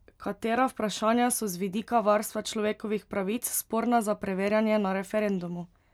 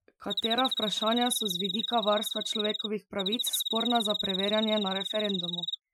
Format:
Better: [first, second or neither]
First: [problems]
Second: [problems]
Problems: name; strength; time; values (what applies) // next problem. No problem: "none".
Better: first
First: none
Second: noise reduction (classical method Wiener filter)